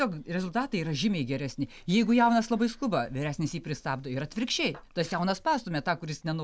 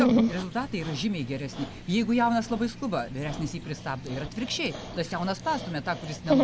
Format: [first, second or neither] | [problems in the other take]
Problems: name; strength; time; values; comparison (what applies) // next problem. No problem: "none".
first | background sound (Dog); 1 dB below the speech